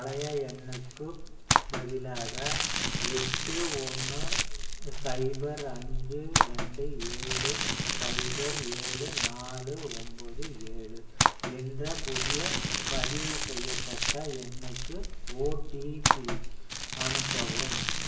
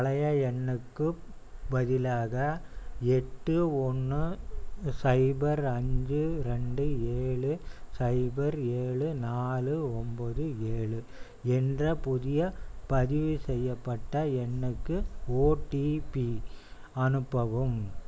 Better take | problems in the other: second | background sound (Crumpling, crinkling); as loud as the speech // room echo; dies away in 0.8 s

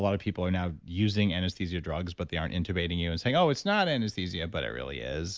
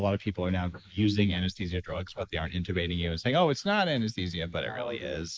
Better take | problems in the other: first | noise reduction (neural mask model Resemble Enhance denoiser)

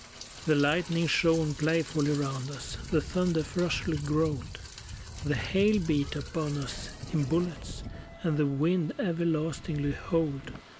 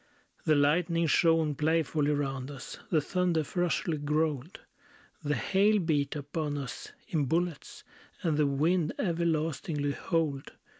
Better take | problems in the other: second | background sound (Rain); 12 dB below the speech

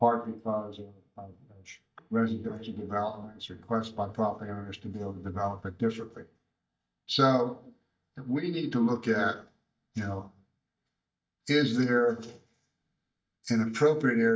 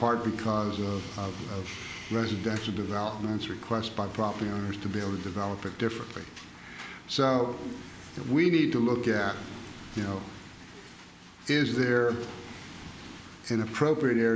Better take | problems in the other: second | noise reduction (neural mask model DeepFilterNet 3)

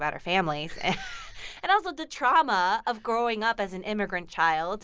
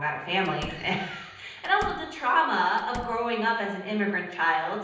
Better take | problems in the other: first | background sound (Slam); 16 dB below the speech // room echo; dies away in 0.9 s

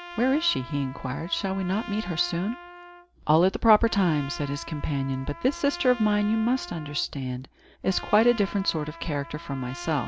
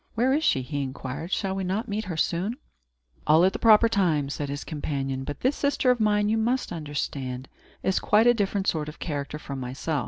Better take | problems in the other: second | background sound (Trumpet); 16 dB below the speech

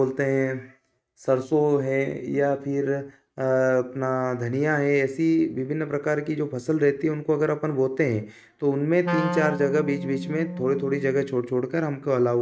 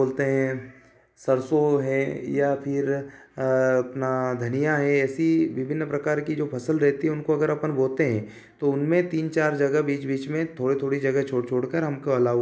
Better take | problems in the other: second | noise reduction (neural mask model RNNoise)

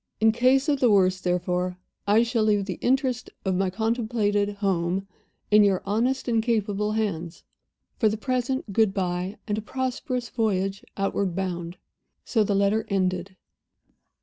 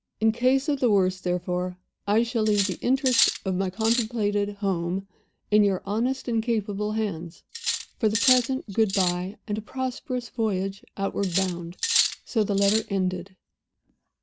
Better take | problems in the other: first | background sound (Cutlery, silverware); 3 dB below the speech

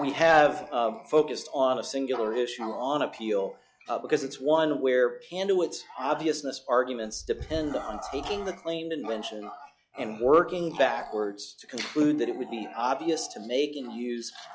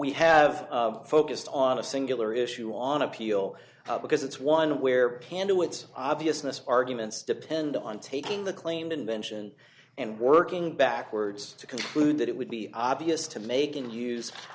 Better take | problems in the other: second | noise reduction (classical method log-MMSE)

